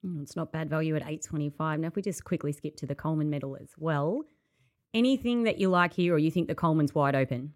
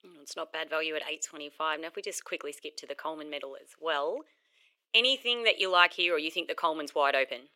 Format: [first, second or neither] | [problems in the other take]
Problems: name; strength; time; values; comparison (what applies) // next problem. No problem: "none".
first | thin; very; fading below 450 Hz